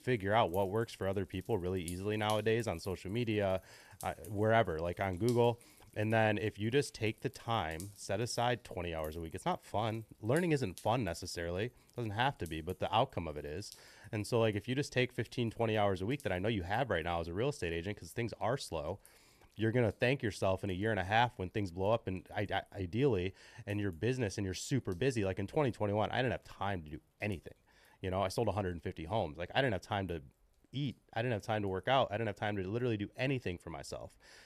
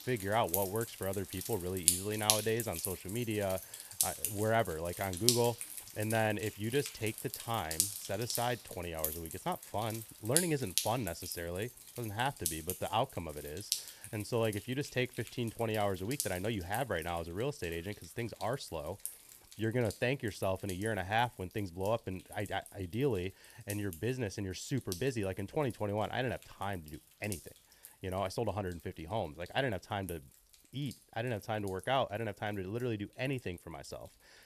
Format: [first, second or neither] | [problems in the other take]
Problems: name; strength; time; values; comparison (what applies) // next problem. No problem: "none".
first | rain or running water; loud; throughout; 1 dB below the speech; faint in the first